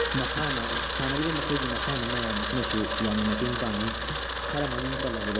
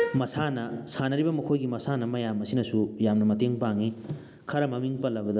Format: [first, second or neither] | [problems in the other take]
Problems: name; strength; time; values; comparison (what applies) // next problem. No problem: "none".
second | background sound (Camera); as loud as the speech